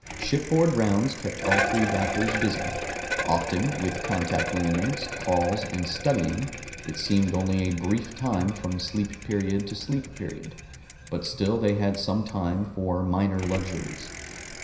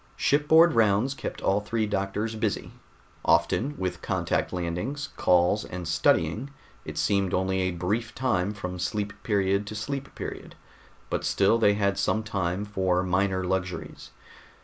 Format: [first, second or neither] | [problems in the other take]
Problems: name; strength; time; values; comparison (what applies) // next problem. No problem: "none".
second | background sound (Bicycle); 7 dB below the speech // room echo; dies away in 0.9 s